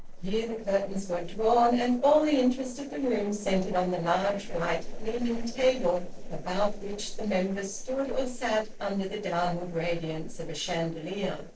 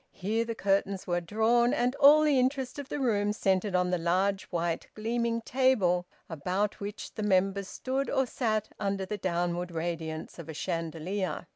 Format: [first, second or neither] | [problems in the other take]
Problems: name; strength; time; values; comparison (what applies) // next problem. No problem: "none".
second | noise reduction (neural separator model SepFormer DNS4)